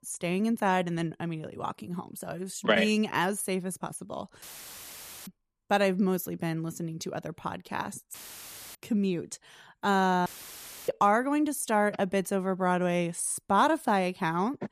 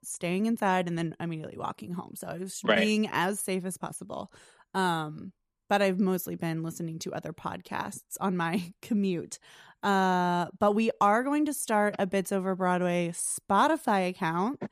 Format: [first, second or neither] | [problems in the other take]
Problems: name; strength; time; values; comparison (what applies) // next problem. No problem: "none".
second | audio cutting out; filled with static; at 4.5 s for 1 s, at 8 s for 0.5 s and at 10 s for 0.5 s